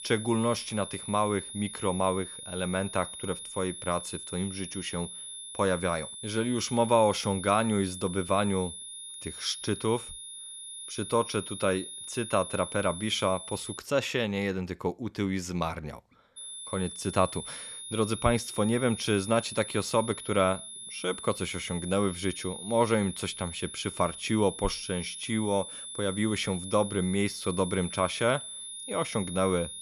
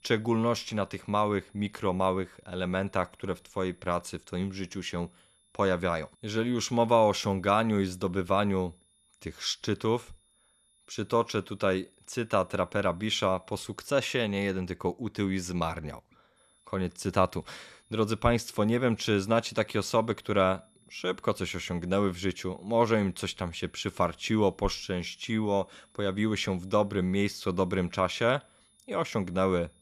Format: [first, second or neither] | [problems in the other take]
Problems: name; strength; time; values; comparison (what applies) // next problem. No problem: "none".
second | high-pitched whine; loud; until 14 s and from 16 s on; 10.5 kHz, 9 dB below the speech; faint in the second